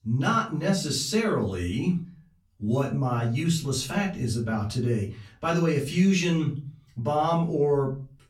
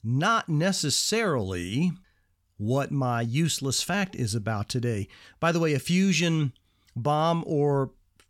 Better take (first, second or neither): second